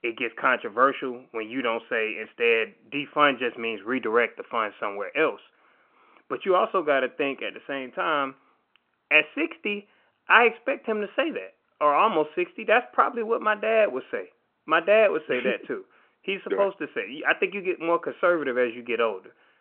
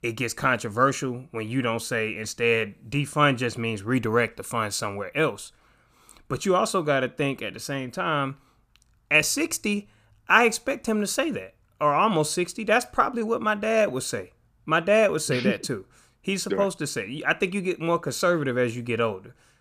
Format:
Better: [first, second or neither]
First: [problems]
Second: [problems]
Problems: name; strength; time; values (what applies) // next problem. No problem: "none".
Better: second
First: phone-call audio; nothing above 3 kHz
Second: none